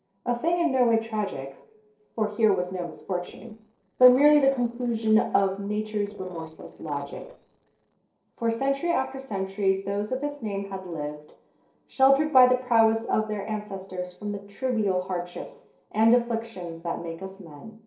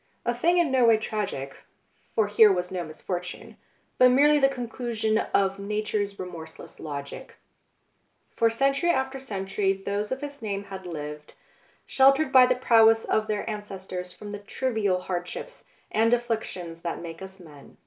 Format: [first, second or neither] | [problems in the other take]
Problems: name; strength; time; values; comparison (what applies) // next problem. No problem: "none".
second | noise reduction (neural separator model SepFormer DNS4)